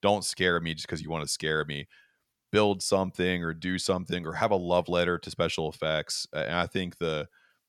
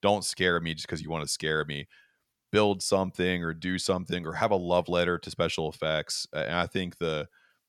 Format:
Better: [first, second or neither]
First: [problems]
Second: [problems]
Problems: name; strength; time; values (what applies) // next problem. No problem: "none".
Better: neither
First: none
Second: none